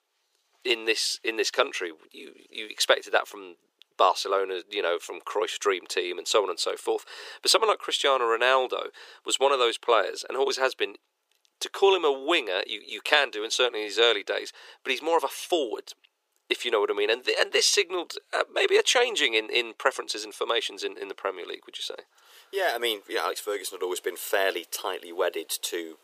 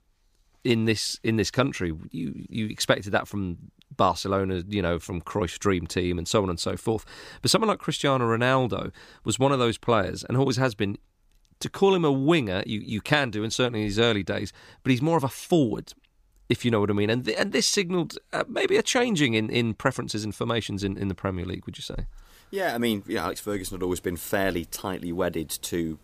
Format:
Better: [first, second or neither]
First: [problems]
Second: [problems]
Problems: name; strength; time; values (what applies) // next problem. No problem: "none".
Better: second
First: thin; very; fading below 400 Hz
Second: none